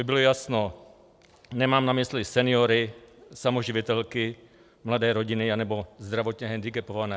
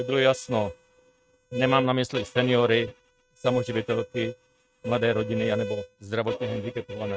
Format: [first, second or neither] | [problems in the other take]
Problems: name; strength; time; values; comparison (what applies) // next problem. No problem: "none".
first | noise reduction (neural mask model RNNoise)